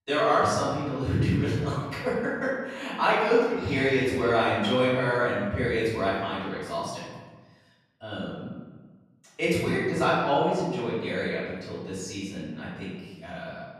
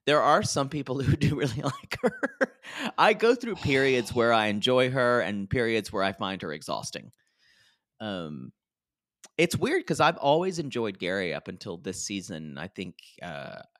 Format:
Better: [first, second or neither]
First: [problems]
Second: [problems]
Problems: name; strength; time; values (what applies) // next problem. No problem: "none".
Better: second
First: room echo; strong; dies away in 1.3 s // off-mic speech; far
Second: none